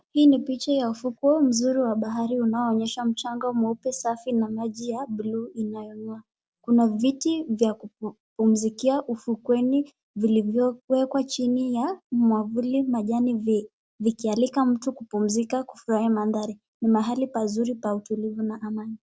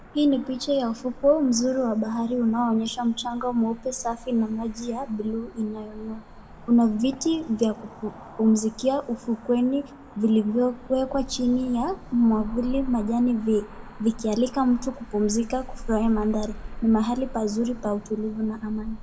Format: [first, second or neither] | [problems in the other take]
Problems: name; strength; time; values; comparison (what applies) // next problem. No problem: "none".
first | background sound (Cricket / Motor vehicle (road)); 15 dB below the speech // room echo; dies away in 2 s